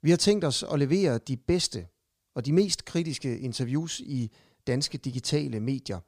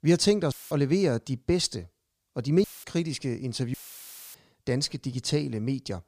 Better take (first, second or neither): first